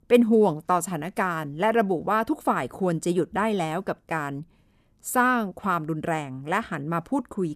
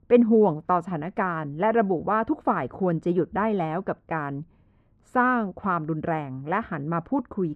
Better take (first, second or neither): first